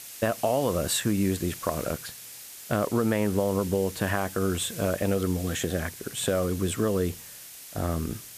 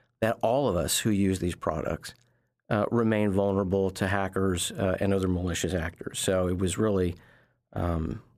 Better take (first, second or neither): second